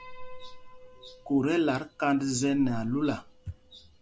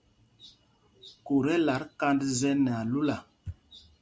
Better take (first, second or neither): second